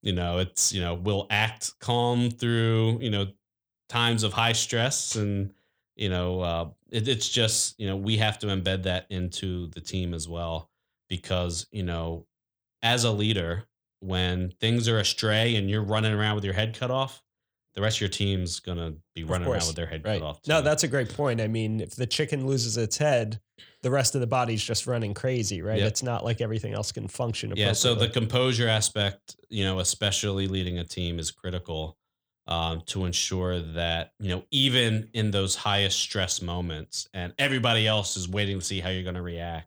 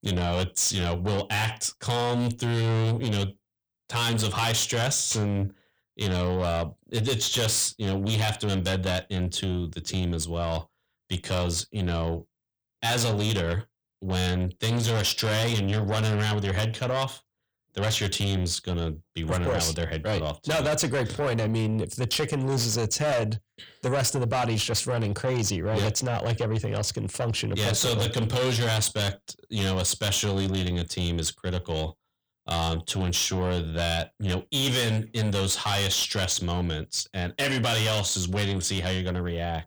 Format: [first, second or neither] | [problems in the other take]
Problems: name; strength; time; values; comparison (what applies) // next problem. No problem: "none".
first | distortion; heavy; 7 dB below the speech